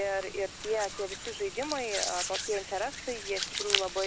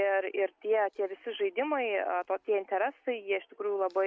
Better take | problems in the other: second | background sound (Hands); 3 dB below the speech

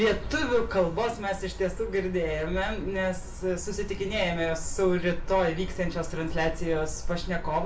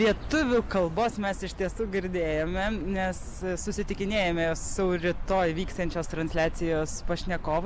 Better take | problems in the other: second | room echo; dies away in 0.3 s

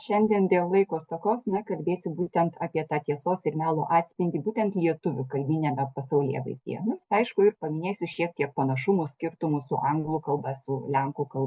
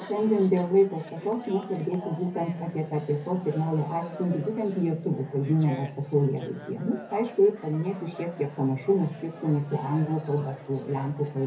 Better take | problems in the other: first | background sound (Chatter); 16 dB below the speech // room echo; dies away in 0.4 s

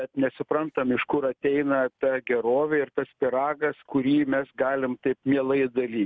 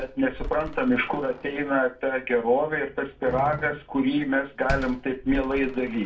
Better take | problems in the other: first | background sound (Slam); 12 dB below the speech // room echo; dies away in 0.2 s

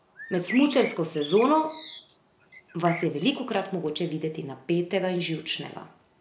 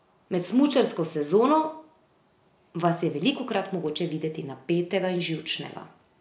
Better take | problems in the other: second | background sound (Bird); 13 dB below the speech

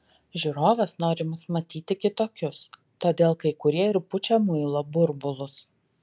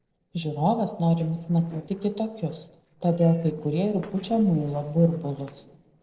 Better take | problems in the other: first | noise reduction (neural separator model SepFormer DNS4)

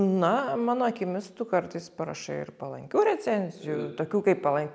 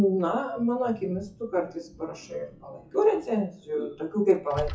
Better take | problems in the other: first | noise reduction (classical method WPE with log-MMSE)

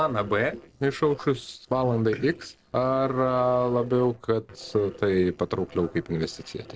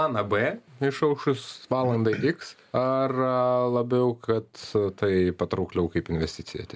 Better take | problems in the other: second | noise reduction (neural separator model SepFormer DNS4)

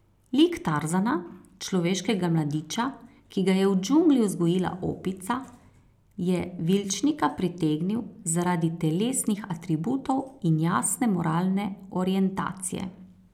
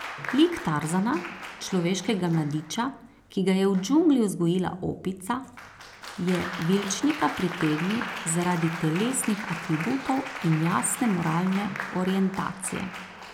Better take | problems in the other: first | background sound (Applause); 11 dB below the speech

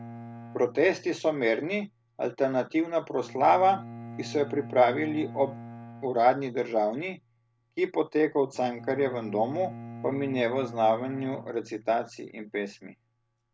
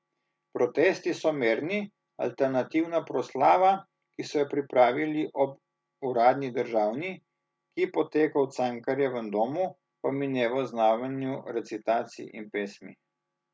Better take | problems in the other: second | background sound (Bowed string instrument); 16 dB below the speech

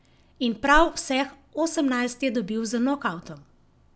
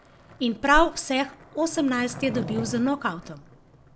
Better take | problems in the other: first | background sound (Skateboard); 15 dB below the speech

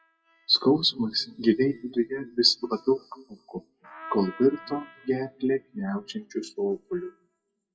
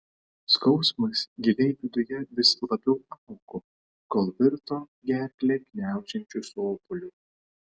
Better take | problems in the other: second | noise reduction (classical method WPE with log-MMSE)

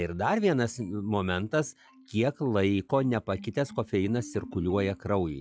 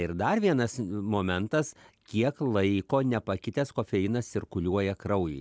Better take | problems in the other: second | noise reduction (classical method log-MMSE)

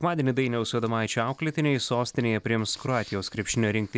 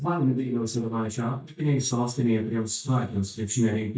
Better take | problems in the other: first | noise reduction (neural mask model DeepFilterNet 3)

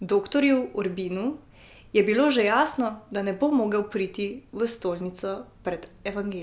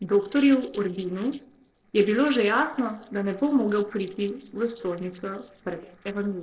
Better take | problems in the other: first | noise reduction (neural separator model SepFormer DNS4)

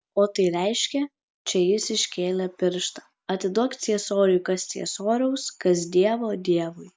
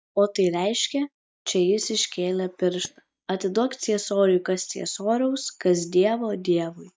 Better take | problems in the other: first | noise reduction (neural mask model DeepFilterNet 3)

